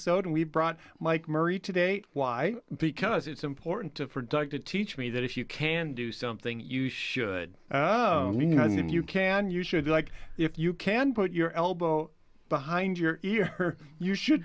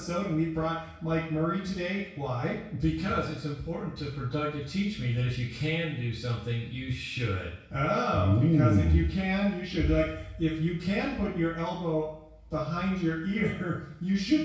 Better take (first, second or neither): first